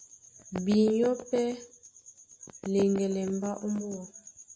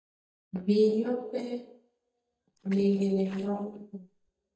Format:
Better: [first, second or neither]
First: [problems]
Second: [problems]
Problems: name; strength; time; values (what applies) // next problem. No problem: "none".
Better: first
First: none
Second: noise reduction (neural mask model DeepFilterNet 3)